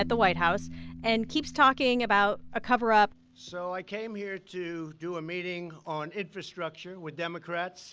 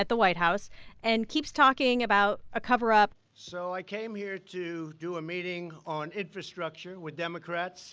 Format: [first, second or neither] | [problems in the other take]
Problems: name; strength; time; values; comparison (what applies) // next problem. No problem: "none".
second | background sound (Piano); 17 dB below the speech